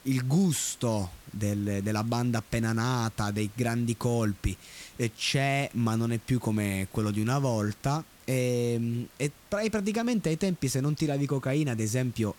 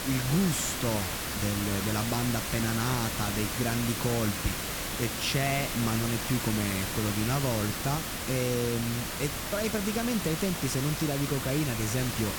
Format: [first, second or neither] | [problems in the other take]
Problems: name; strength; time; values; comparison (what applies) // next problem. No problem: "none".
first | hiss; loud; throughout; 1 dB below the speech; faint in the first